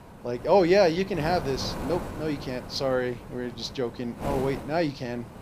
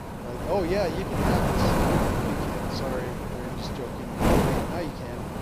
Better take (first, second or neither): first